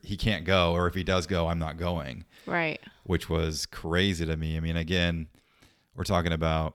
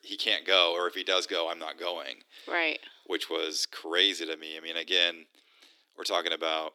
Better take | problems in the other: first | thin; very; fading below 300 Hz

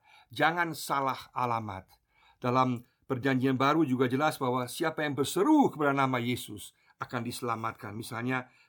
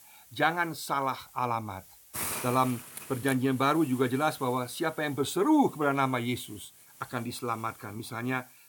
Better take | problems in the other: first | hiss; noticeable; throughout; 15 dB below the speech

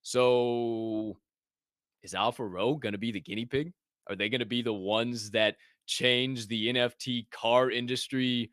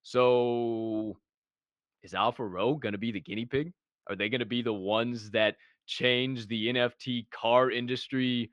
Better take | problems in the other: first | muffled; slightly; fading above 3.5 kHz

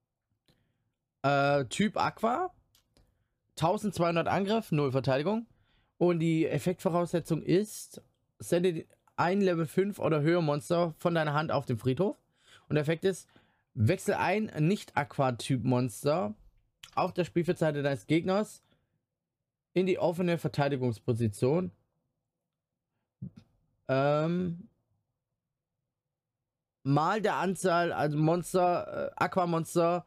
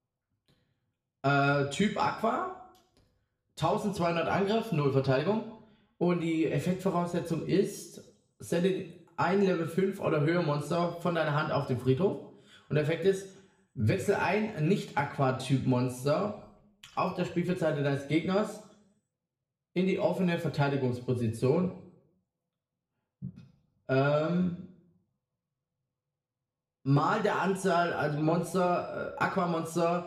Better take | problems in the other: first | room echo; slight; dies away in 0.6 s // off-mic speech; somewhat distant

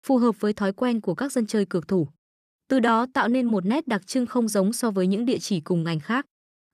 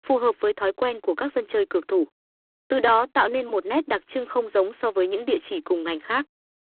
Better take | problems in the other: first | phone-call audio; poor line; nothing above 3.5 kHz

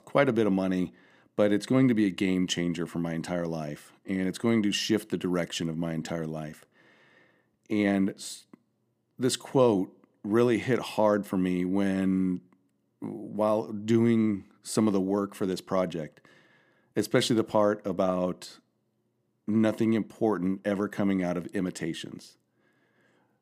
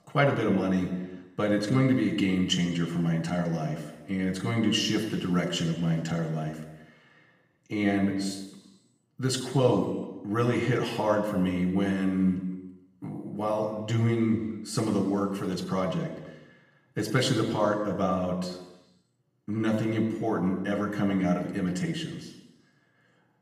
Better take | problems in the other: first | room echo; noticeable; dies away in 1.1 s // off-mic speech; somewhat distant

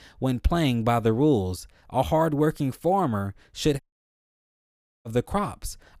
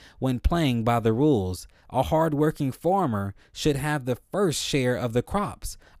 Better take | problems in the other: second | audio cutting out; at 4 s for 1.5 s

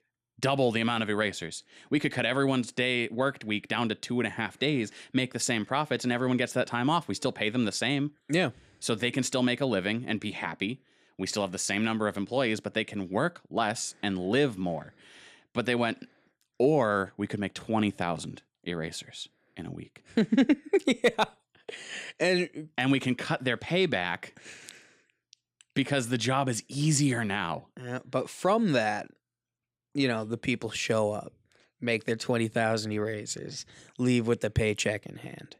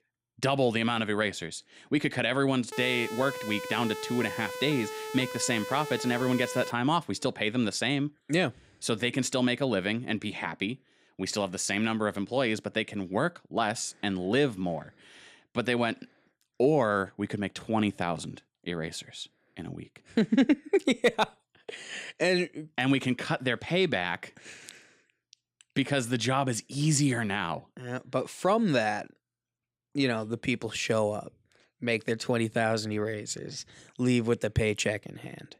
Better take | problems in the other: first | siren; noticeable; from 2.5 to 6.5 s; peak 8 dB below the speech

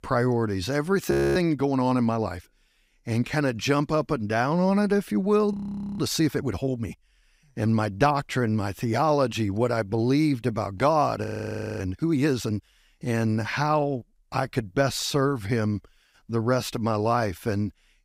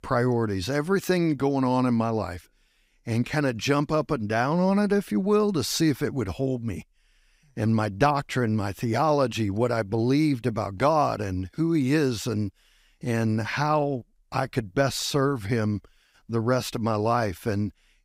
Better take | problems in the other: second | audio freezing; at 1 s, at 5.5 s and at 11 s for 0.5 s

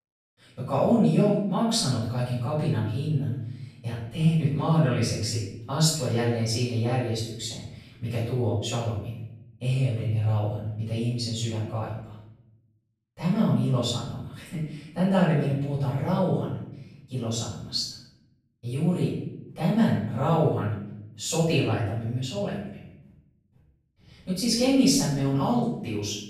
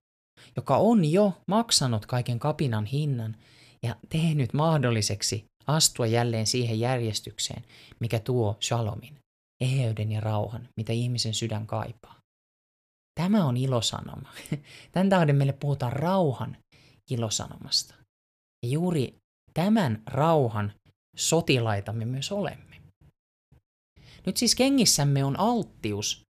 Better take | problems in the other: second | off-mic speech; far // room echo; noticeable; dies away in 0.7 s

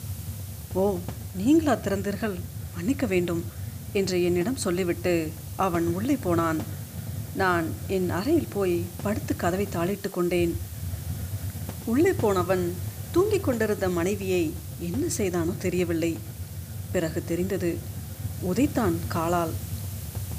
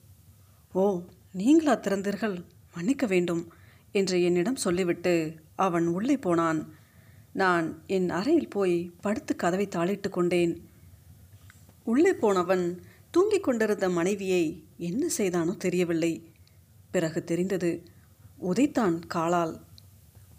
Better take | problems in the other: second | hiss; loud; throughout; 9 dB below the speech; faint in the second

